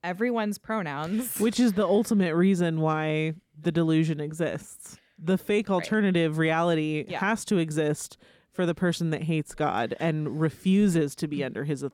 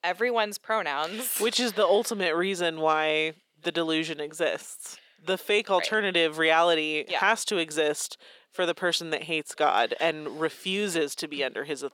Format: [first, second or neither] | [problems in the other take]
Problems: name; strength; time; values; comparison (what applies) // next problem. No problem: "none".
first | thin; very; fading below 550 Hz